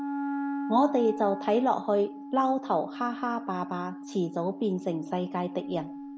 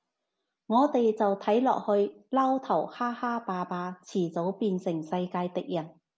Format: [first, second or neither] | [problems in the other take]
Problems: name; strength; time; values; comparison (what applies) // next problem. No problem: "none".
second | background sound (Wind instrument, woodwind instrument); 8 dB below the speech